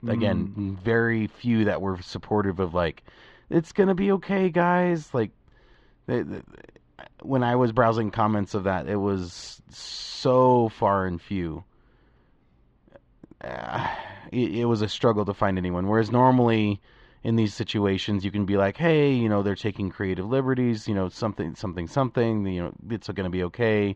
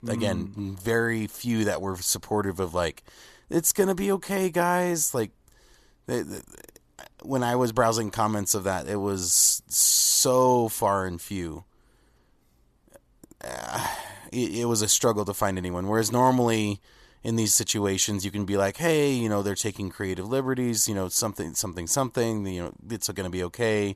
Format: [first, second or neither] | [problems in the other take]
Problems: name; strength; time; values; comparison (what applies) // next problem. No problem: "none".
second | muffled; very; fading above 3.5 kHz